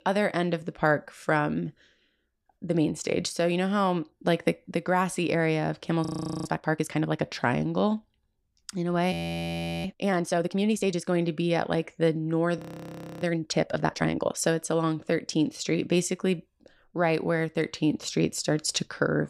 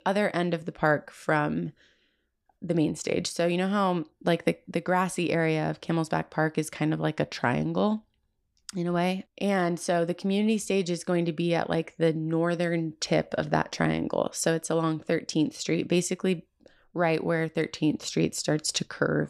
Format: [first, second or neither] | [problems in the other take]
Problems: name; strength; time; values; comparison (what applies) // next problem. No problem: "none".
second | audio freezing; at 6 s, at 9 s for 0.5 s and at 13 s for 0.5 s